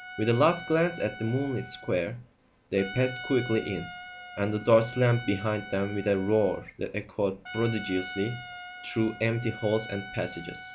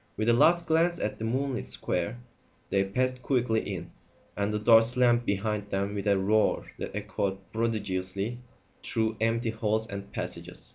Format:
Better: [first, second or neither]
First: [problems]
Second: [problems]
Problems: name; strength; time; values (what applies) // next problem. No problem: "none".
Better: second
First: background sound (Trumpet); 14 dB below the speech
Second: none